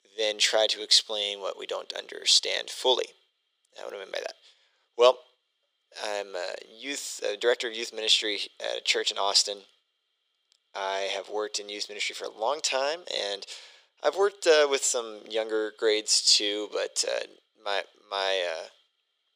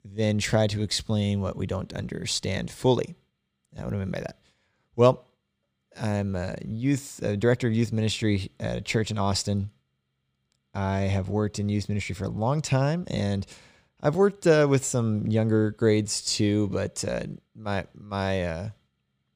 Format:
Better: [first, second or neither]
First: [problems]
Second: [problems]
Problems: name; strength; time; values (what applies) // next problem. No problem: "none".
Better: second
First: thin; very; fading below 400 Hz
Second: none